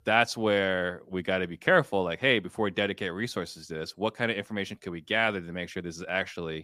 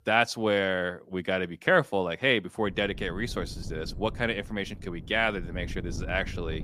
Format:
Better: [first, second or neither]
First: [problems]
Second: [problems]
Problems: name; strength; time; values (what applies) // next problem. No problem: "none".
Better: first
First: none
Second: wind noise on the microphone; occasional gusts; from 2.5 s on; 25 dB below the speech